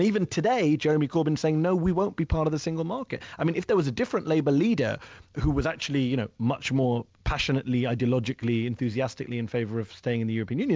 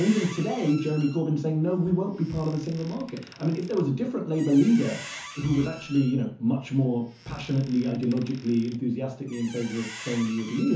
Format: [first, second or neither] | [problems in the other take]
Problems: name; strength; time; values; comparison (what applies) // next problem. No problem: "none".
first | background sound (Squeak); 19 dB below the speech // room echo; dies away in 0.9 s